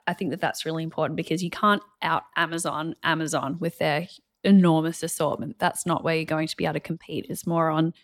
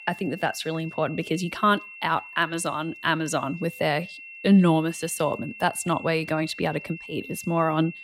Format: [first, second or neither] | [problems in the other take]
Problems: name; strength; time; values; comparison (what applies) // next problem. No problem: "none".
first | high-pitched whine; noticeable; throughout; 2.5 kHz, 15 dB below the speech